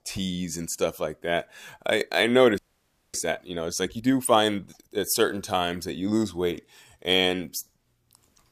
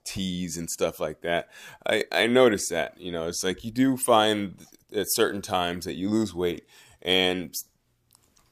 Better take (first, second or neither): second